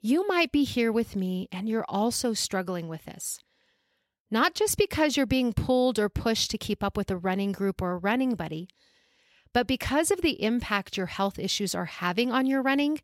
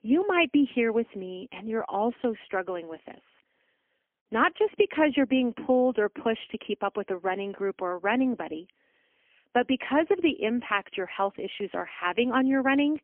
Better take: first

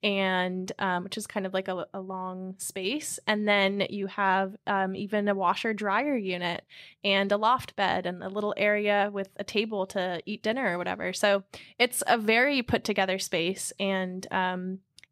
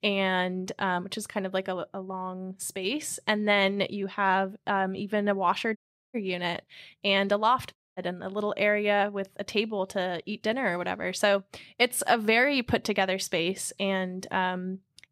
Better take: first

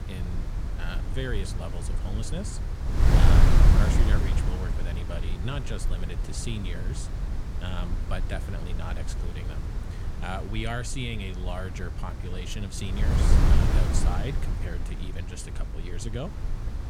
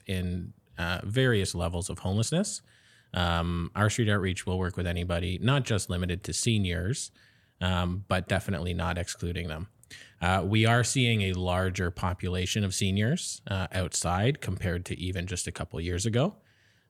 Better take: second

